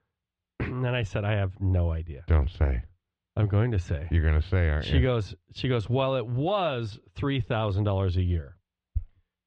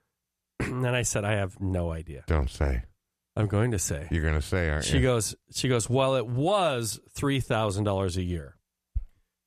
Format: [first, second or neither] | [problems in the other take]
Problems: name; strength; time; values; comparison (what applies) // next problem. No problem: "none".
second | muffled; slightly; fading above 3.5 kHz